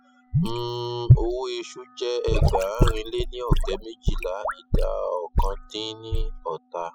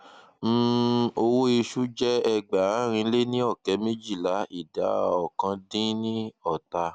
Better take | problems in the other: second | noise reduction (classical method spectral subtraction)

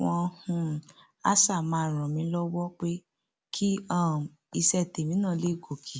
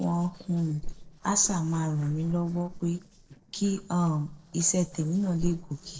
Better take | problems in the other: first | noise reduction (neural separator model SepFormer DNS4)

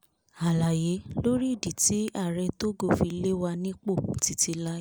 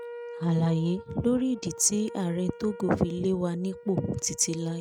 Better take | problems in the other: first | noise reduction (neural mask model RNNoise)

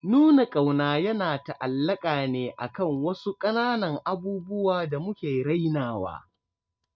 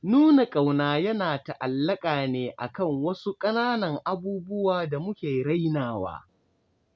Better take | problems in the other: second | noise reduction (neural mask model DeepFilterNet 3)

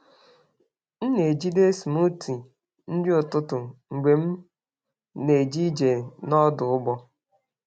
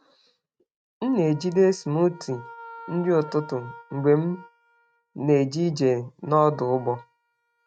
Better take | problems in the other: first | noise reduction (neural mask model RNNoise)

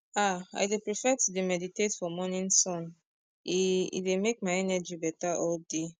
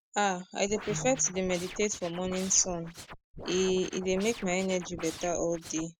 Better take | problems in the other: first | background sound (Scratching (performance technique) + Piano); 13 dB below the speech

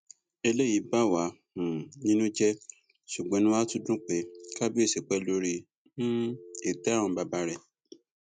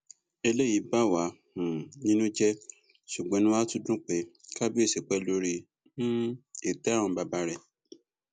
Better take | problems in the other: second | noise reduction (neural mask model RNNoise)

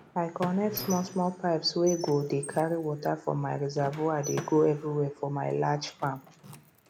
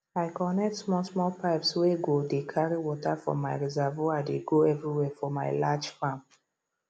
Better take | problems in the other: second | background sound (Door / Car + Squeak); 15 dB below the speech

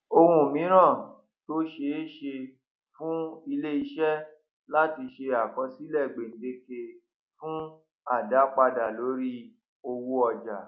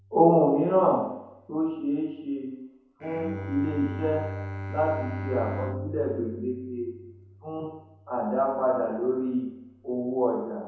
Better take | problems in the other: first | background sound (Bowed string instrument); 11 dB below the speech // room echo; dies away in 0.9 s

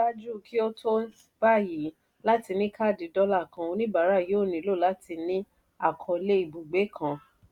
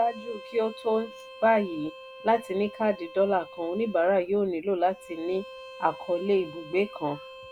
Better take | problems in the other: first | background sound (Bowed string instrument); 17 dB below the speech

